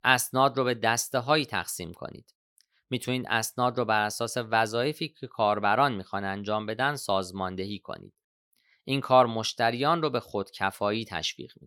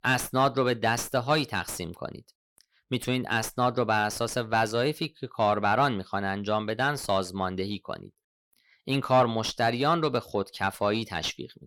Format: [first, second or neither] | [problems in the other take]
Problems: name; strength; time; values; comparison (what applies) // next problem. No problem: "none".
first | distortion; slight; 10 dB below the speech